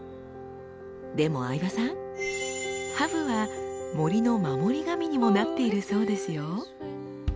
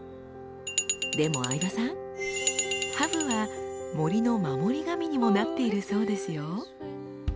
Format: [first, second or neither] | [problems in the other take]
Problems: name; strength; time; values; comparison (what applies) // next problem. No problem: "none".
first | background sound (Glass); 3 dB below the speech